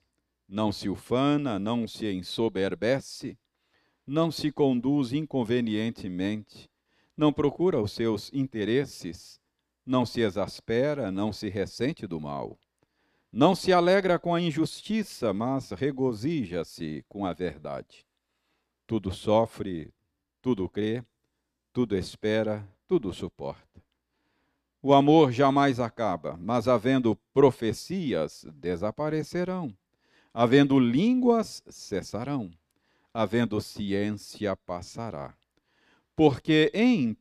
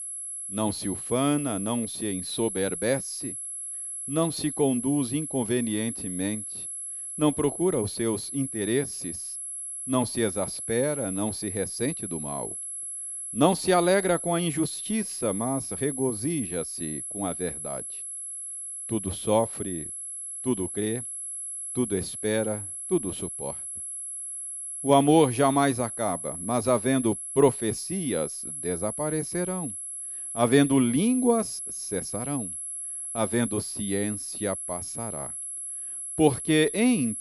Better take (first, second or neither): first